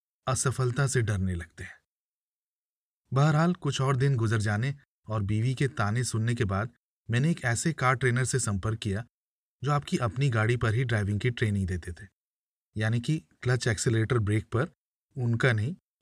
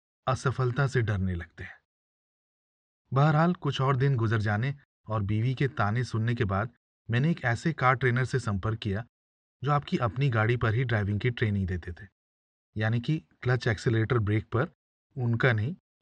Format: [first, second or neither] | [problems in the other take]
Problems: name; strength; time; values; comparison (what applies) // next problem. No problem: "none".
first | muffled; slightly; fading above 4.5 kHz